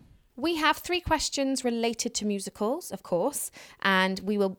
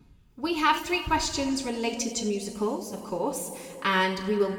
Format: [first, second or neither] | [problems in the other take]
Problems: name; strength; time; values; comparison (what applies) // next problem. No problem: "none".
first | room echo; noticeable; dies away in 1.7 s // off-mic speech; somewhat distant